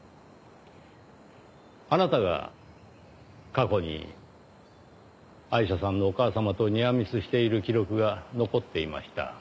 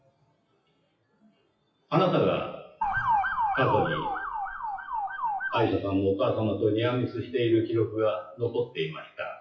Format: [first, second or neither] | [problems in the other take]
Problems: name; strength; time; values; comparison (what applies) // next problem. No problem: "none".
first | noise reduction (classical method WPE with log-MMSE)